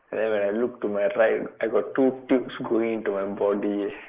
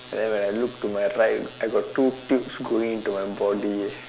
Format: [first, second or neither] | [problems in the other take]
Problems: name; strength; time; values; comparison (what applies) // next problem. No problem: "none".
second | noise reduction (neural mask model Resemble Enhance denoiser)